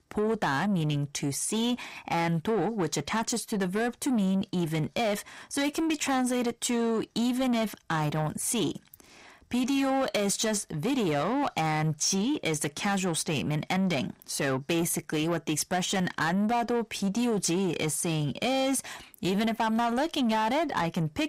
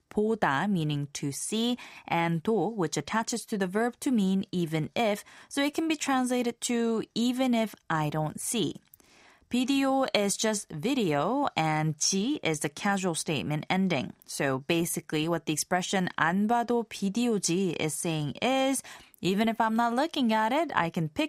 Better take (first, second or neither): second